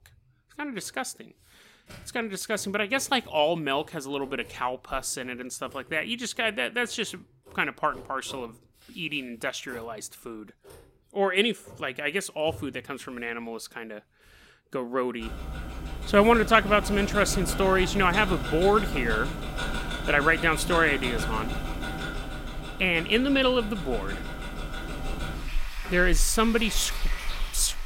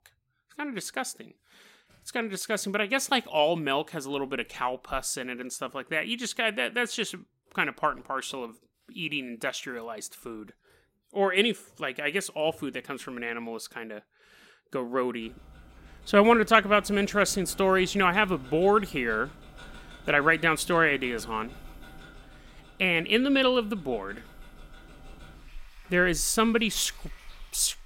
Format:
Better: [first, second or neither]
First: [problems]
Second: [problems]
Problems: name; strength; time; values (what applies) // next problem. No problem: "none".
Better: second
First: household noises; loud; throughout; 8 dB below the speech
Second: household noises; faint; throughout; 20 dB below the speech